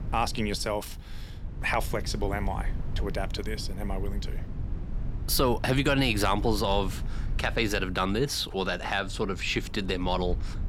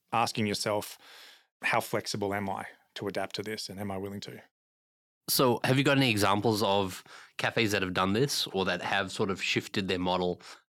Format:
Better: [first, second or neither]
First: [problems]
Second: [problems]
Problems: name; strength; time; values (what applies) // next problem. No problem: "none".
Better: second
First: low rumble; faint; throughout; 20 dB below the speech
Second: none